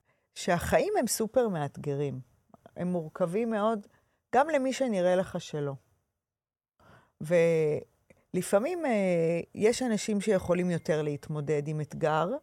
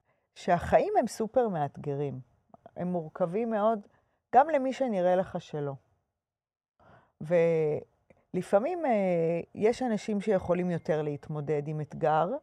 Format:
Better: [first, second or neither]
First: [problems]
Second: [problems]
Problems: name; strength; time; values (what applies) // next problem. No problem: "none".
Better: first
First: none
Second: muffled; slightly; fading above 2.5 kHz